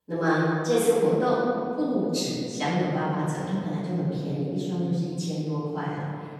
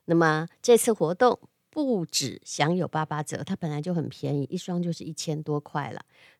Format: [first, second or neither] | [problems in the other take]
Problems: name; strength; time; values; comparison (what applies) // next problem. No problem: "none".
second | off-mic speech; far // room echo; strong; dies away in 2.5 s